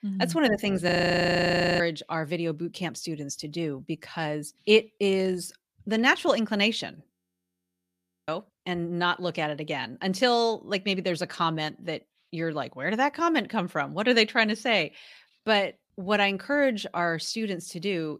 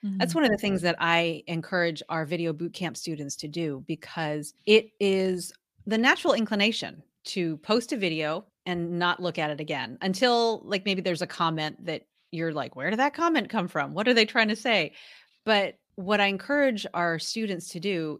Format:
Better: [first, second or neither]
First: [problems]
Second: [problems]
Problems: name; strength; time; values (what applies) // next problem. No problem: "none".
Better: second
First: audio freezing; at 1 s for 1 s and at 7 s for 1 s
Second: none